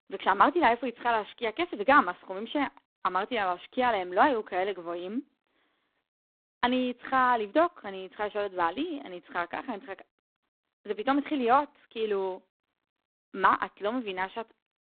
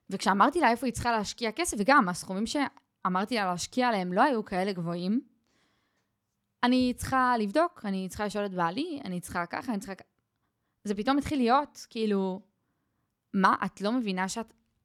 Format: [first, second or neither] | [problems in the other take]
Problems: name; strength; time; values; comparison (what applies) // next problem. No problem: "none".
second | phone-call audio; poor line; nothing above 3.5 kHz